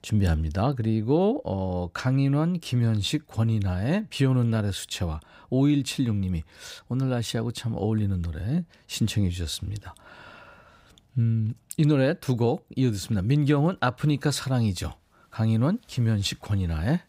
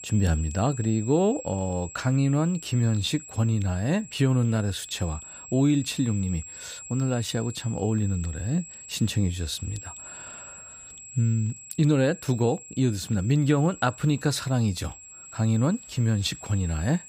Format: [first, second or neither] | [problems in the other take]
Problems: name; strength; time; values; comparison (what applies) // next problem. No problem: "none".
first | high-pitched whine; noticeable; throughout; 7.5 kHz, 15 dB below the speech